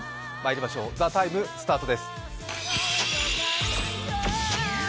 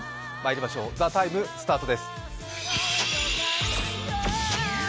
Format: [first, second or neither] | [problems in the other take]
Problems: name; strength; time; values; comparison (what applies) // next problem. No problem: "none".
second | background sound (Fart); 18 dB below the speech